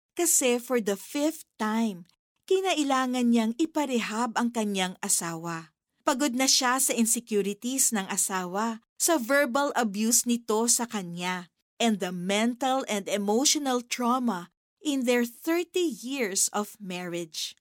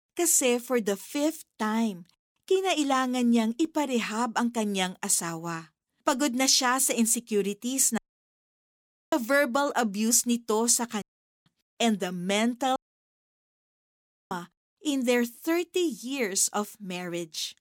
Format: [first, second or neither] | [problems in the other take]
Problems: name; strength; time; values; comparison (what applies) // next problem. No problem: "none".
first | audio cutting out; at 8 s for 1 s, at 11 s and at 13 s for 1.5 s